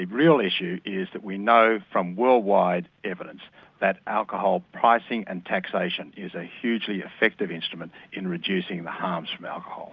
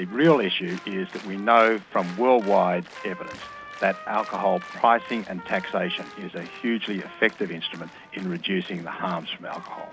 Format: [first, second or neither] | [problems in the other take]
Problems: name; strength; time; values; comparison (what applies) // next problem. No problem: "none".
first | background sound (Trumpet + Applause); 17 dB below the speech